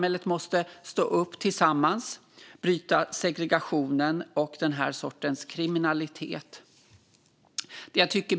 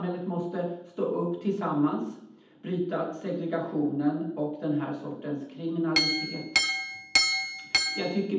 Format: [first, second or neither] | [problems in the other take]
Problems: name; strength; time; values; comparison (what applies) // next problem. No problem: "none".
first | background sound (Chink, clink); 3 dB above the speech // room echo; dies away in 0.8 s